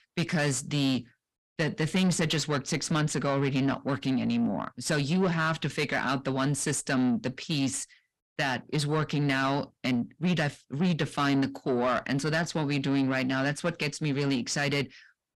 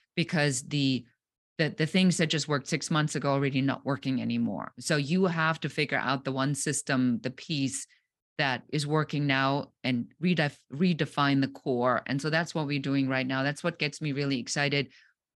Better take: second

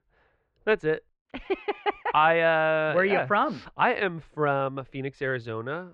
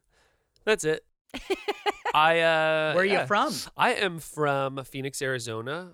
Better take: second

